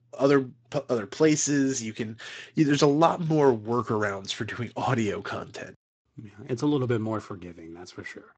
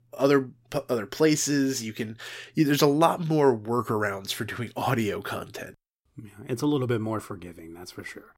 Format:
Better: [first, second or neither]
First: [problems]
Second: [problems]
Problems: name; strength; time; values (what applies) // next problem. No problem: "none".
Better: second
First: garbled, watery; slightly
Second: none